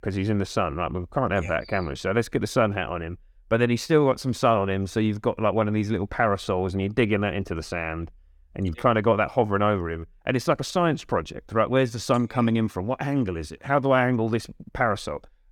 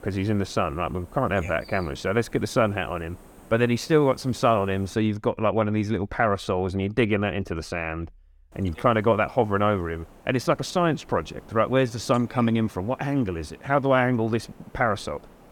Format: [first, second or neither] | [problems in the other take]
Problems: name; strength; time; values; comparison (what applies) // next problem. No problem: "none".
first | hiss; faint; until 5 s and from 8.5 s on; 25 dB below the speech